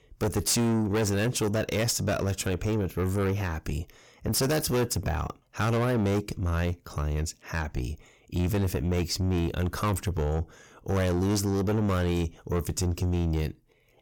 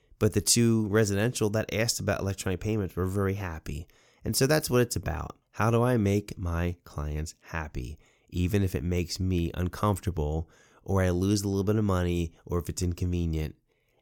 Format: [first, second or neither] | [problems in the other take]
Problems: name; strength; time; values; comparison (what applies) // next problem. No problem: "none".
second | distortion; heavy; 7 dB below the speech